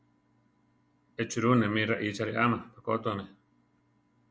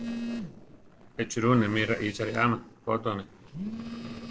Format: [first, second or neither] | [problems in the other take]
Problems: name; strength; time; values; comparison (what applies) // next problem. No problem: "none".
first | noise reduction (neural separator model SepFormer DNS4)